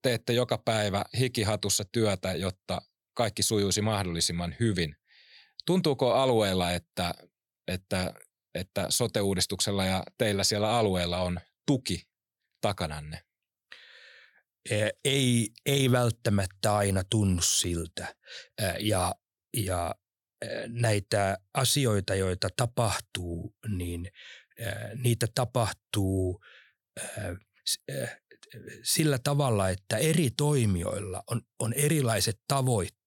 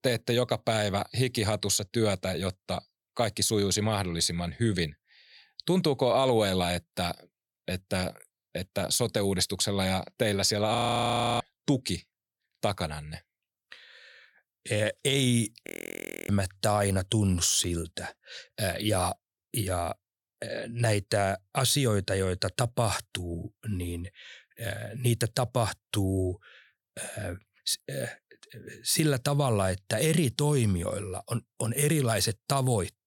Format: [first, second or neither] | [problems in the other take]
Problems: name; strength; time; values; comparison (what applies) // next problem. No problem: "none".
first | audio freezing; at 11 s for 0.5 s and at 16 s for 0.5 s